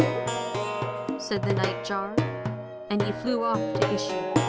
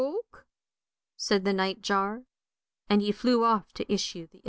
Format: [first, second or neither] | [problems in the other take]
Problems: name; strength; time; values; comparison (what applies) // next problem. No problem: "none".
second | background sound (Plucked string instrument); 4 dB above the speech